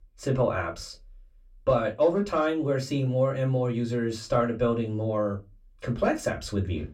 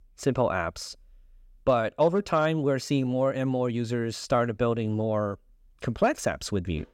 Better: second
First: off-mic speech; somewhat distant // room echo; very slight; dies away in 0.2 s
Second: none

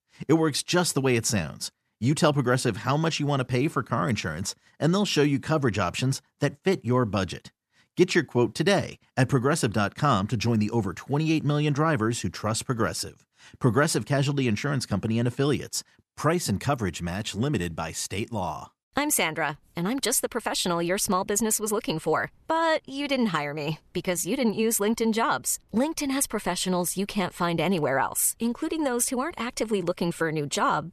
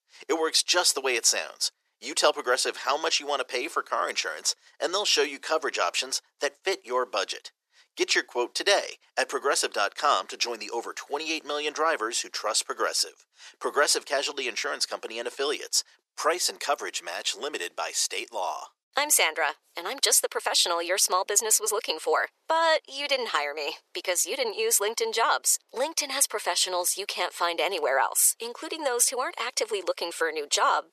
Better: first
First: none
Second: thin; very; fading below 400 Hz

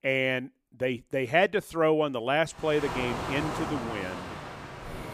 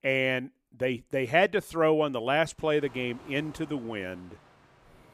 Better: second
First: rain or running water; loud; from 2.5 s on; 8 dB below the speech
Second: rain or running water; faint; from 2.5 s on; 25 dB below the speech

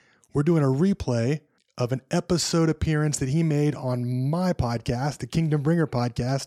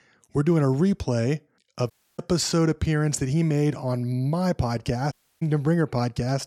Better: first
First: none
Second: audio cutting out; at 2 s and at 5 s

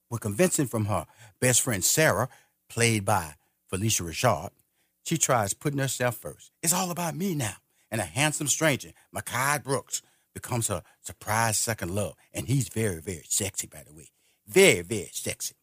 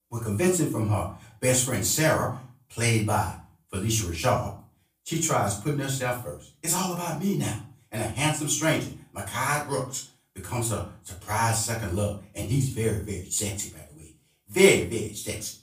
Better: first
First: none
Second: off-mic speech; far // room echo; slight; dies away in 0.3 s

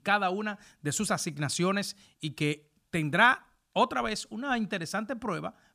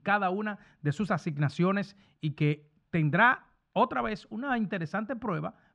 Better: first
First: none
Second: muffled; very; fading above 2 kHz

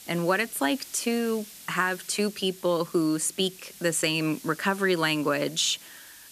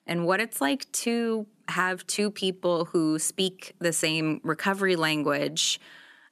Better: second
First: hiss; noticeable; throughout; 20 dB below the speech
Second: none

